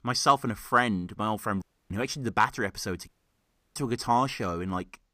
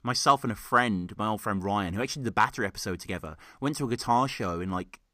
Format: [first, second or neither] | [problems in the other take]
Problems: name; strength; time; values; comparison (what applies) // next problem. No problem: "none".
second | audio cutting out; at 1.5 s and at 3 s for 0.5 s